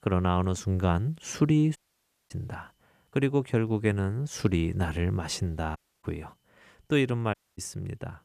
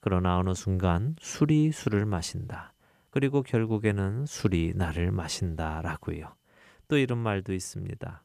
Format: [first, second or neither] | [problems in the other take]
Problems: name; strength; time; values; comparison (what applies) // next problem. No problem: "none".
second | audio cutting out; at 2 s for 0.5 s, at 6 s and at 7.5 s